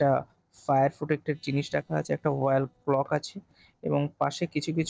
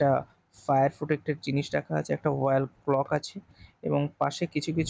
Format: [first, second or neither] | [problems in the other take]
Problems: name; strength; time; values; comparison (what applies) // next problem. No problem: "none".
second | noise reduction (neural separator model SepFormer DNS4)